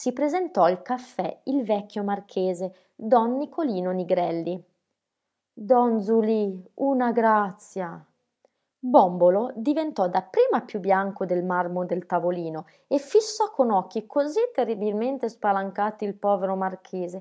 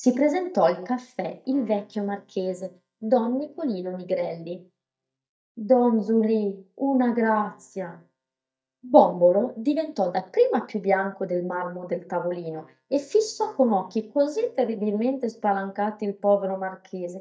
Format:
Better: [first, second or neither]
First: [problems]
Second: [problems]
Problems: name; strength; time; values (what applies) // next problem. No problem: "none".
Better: first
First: none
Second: noise reduction (neural mask model DeepFilterNet 3)